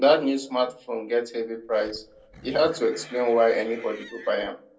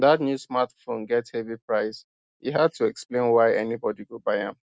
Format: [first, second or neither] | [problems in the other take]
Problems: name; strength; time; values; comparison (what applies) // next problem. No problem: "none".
second | background sound (Livestock, farm animals, working animals); 20 dB below the speech // room echo; dies away in 0.2 s